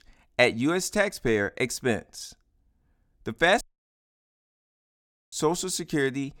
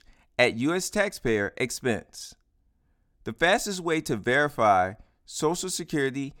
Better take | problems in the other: second | audio cutting out; at 3.5 s for 1.5 s

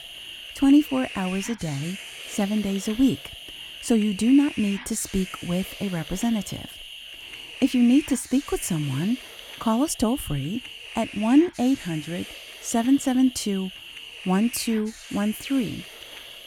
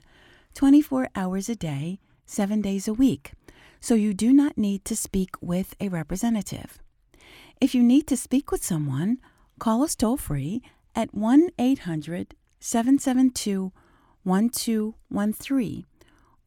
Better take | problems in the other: second | hiss; noticeable; throughout; 15 dB below the speech

